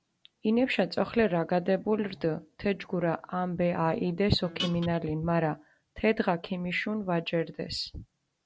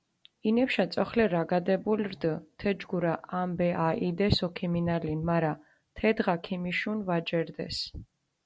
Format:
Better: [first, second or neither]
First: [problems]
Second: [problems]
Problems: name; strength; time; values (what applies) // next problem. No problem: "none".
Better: second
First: background sound (Guitar); 8 dB below the speech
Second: none